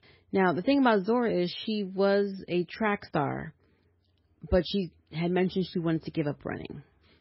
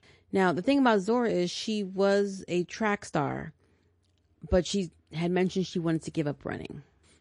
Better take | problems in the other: second | garbled, watery; badly; nothing above 5.5 kHz; slightly in the second

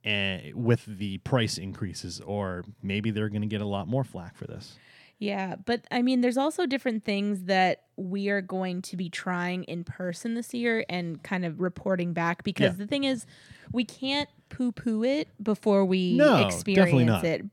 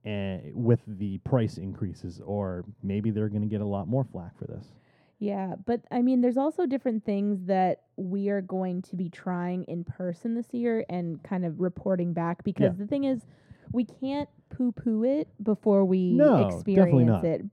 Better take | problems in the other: first | muffled; very; fading above 1.5 kHz

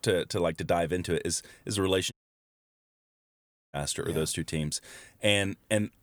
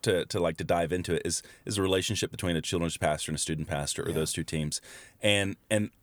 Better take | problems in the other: second | audio cutting out; at 2 s for 1.5 s

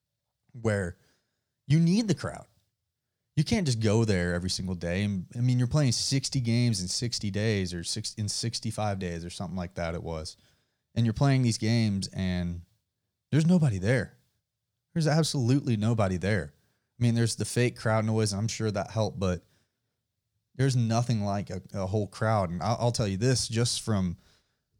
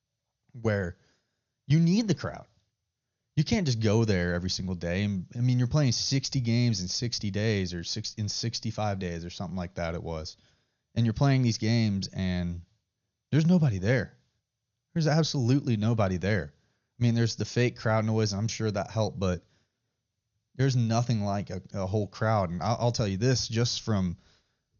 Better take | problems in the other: first | garbled, watery; slightly; nothing above 6.5 kHz

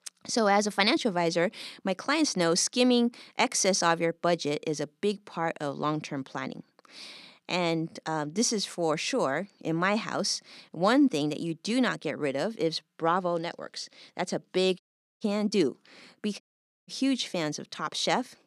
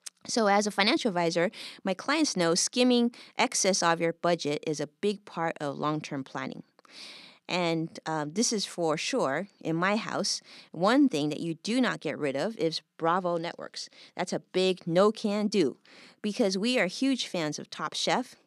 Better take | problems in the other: second | audio cutting out; at 15 s and at 16 s

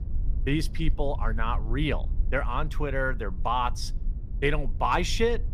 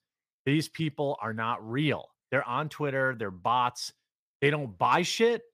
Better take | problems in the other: second | low rumble; faint; throughout; 20 dB below the speech

